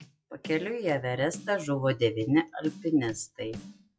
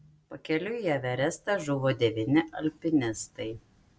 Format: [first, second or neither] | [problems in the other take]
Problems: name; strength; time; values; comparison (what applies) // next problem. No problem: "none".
second | noise reduction (classical method log-MMSE)